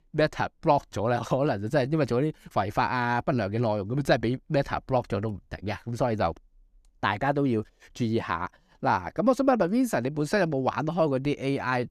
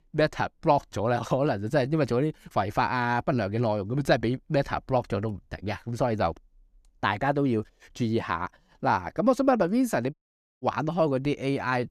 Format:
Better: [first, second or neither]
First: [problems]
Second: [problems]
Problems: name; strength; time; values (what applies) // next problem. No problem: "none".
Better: first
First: none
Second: audio cutting out; at 10 s